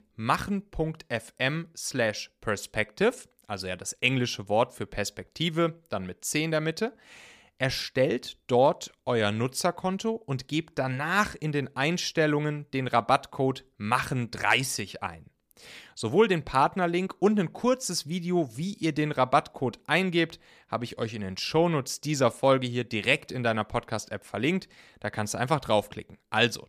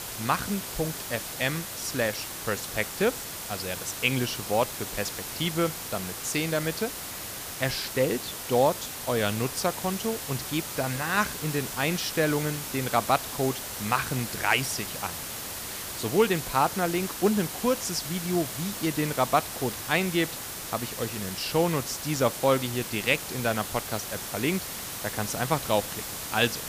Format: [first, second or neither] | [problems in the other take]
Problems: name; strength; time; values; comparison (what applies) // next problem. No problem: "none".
first | hiss; loud; throughout; 5 dB below the speech